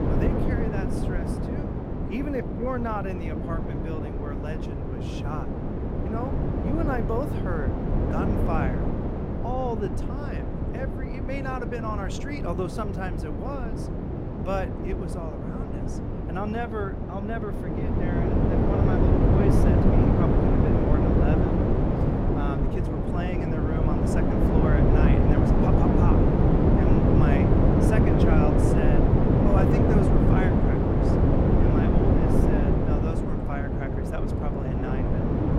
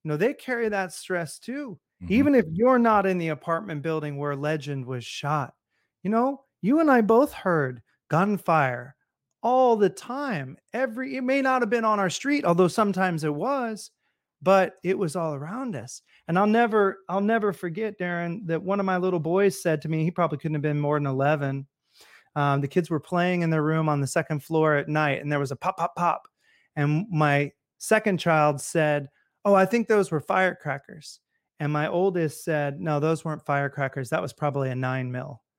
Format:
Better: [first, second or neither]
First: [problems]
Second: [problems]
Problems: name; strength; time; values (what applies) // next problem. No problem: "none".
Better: second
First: wind noise on the microphone; heavy; 4 dB above the speech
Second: none